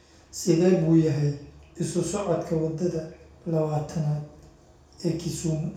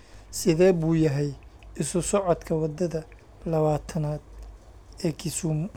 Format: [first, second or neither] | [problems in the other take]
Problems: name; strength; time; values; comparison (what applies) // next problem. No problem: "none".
second | room echo; dies away in 0.5 s